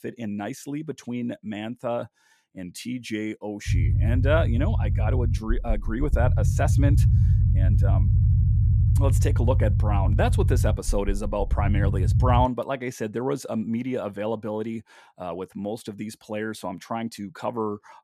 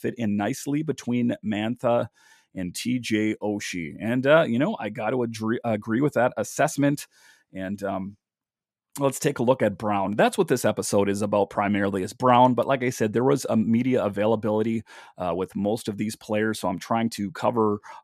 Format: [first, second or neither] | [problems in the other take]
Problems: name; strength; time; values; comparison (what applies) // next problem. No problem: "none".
second | low rumble; loud; from 3.5 to 12 s; 7 dB below the speech